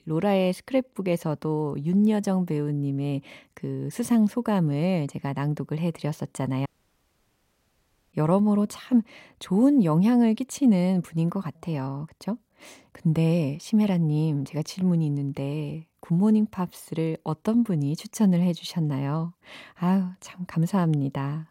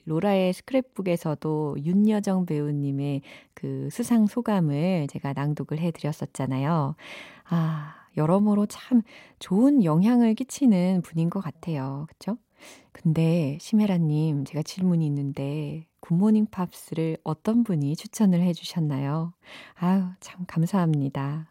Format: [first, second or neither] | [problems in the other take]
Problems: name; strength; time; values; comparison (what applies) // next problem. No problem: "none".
second | audio cutting out; at 6.5 s for 1.5 s